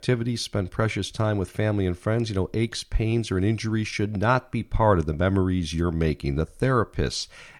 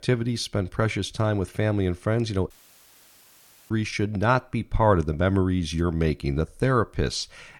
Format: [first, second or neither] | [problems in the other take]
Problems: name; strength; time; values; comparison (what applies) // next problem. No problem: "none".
first | audio cutting out; at 2.5 s for 1 s